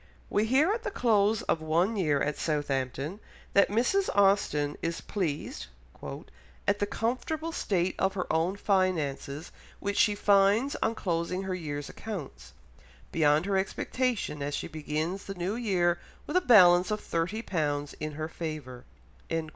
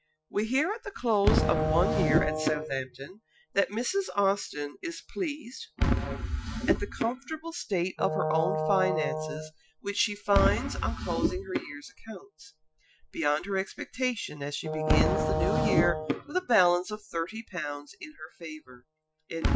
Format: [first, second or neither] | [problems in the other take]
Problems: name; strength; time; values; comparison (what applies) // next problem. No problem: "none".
first | noise reduction (classical method Wiener filter)